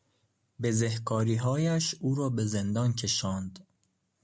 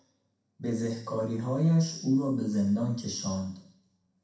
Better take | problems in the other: first | room echo; dies away in 0.6 s

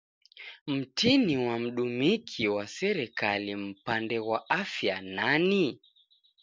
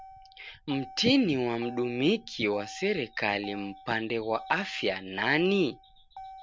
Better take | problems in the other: first | background sound (Motor vehicle (road)); 18 dB below the speech

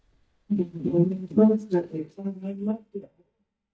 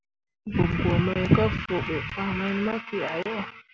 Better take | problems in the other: second | noise reduction (neural mask model DeepFilterNet 3)

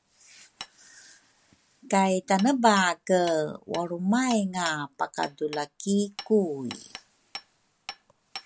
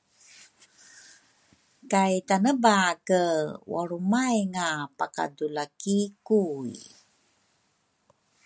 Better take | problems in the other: second | background sound (Hammer); 19 dB below the speech

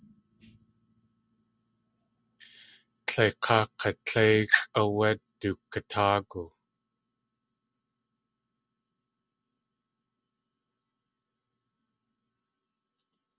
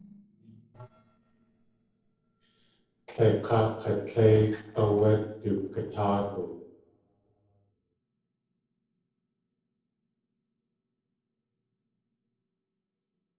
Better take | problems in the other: first | noise reduction (neural separator model SepFormer DNS4)

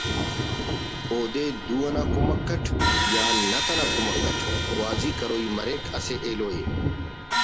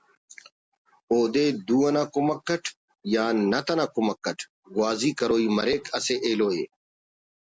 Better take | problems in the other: second | background sound (Crash cymbal + Thunder); 4 dB above the speech

